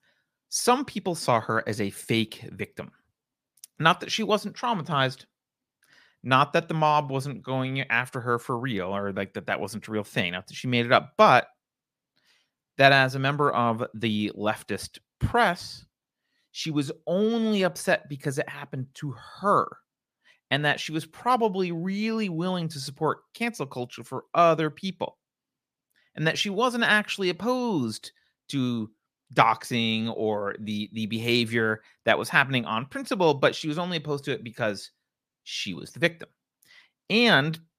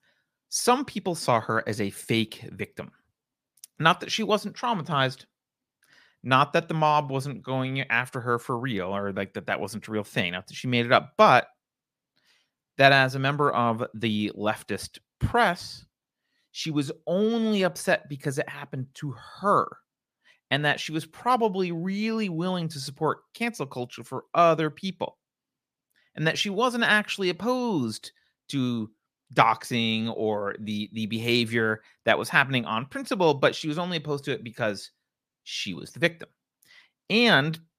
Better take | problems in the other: neither | none

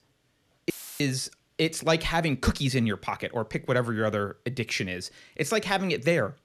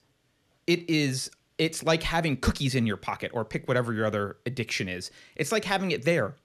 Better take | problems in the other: second | audio cutting out; filled with static; at 0.5 s

